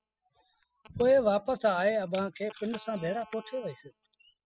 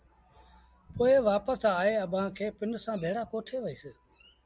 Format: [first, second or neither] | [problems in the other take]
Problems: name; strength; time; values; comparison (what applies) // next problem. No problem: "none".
second | noise reduction (classical method spectral subtraction)